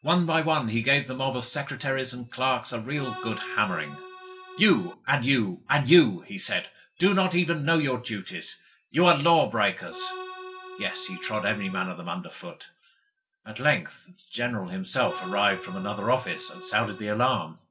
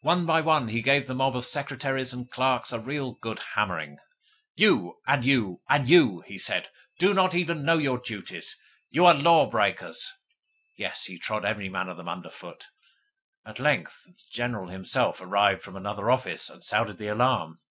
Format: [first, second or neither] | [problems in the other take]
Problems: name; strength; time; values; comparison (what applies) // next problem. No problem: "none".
second | background sound (Accordion); 13 dB below the speech // room echo; dies away in 0.2 s